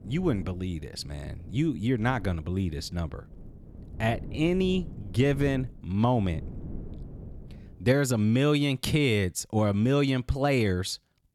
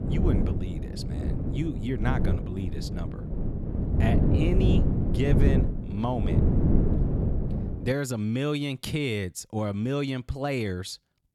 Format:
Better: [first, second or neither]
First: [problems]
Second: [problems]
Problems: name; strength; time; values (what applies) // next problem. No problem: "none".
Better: first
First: wind noise on the microphone; occasional gusts; until 8 s; 20 dB below the speech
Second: wind noise on the microphone; heavy; until 8 s; 2 dB below the speech